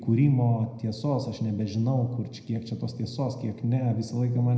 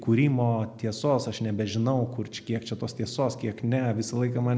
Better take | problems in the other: second | room echo; dies away in 0.8 s

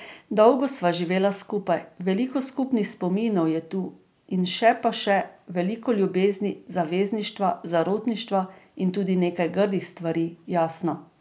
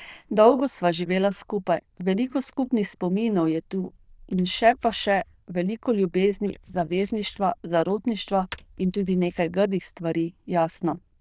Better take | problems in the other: first | noise reduction (neural diffusion model UNIVERSE++)

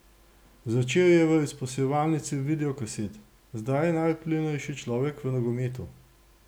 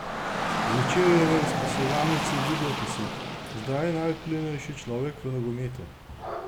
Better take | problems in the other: first | background sound (Rain / Dog); 2 dB below the speech

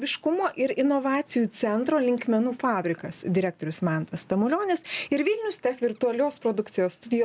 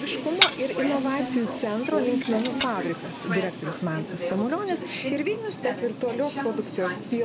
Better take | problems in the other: first | background sound (Glass + Subway, metro, underground); 3 dB below the speech

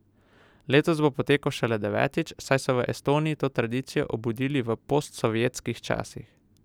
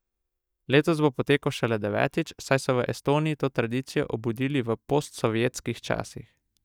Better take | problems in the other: first | noise reduction (neural mask model DeepFilterNet 3)

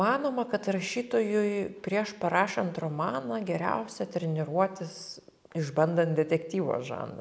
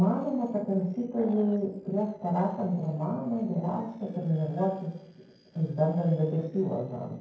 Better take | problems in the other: first | noise reduction (neural separator model SepFormer DNS4)

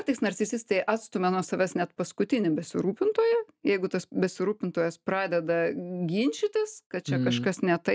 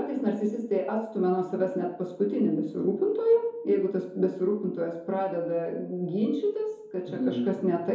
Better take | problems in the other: first | room echo; dies away in 2.6 s

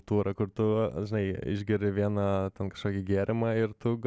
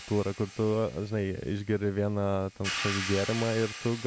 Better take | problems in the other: first | background sound (Hi-hat); 10 dB below the speech

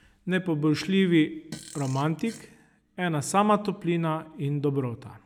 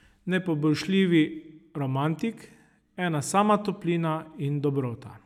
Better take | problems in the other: second | background sound (Fart); 19 dB below the speech

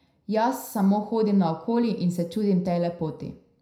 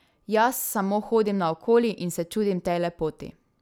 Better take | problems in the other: second | room echo; dies away in 0.4 s

